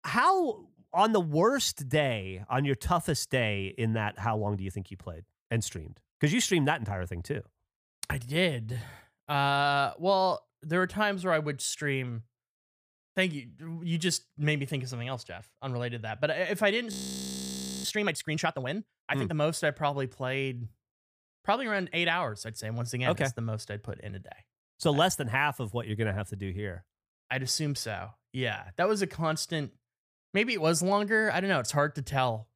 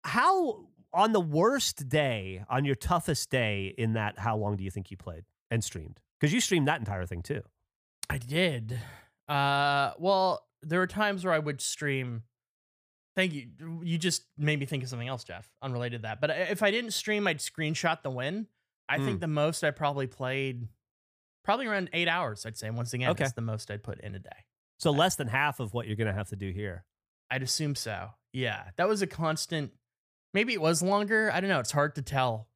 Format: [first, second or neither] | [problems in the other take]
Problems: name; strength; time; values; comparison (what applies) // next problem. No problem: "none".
second | audio freezing; at 17 s for 1 s